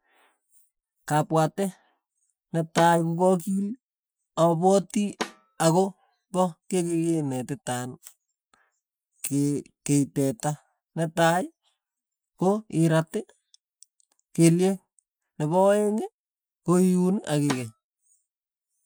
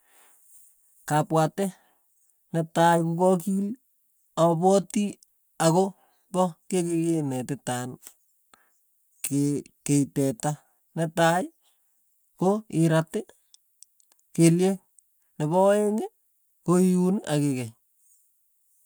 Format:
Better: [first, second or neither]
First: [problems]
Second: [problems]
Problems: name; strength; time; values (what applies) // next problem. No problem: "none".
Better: second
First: noise reduction (classical method Wiener filter)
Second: none